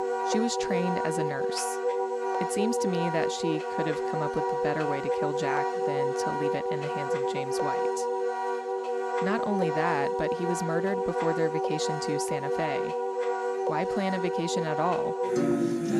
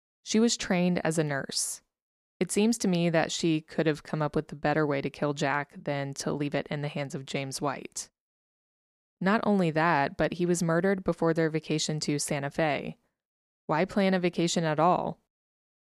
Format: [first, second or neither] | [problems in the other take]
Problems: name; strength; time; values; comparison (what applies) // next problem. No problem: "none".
second | background music; very loud; throughout; 3 dB above the speech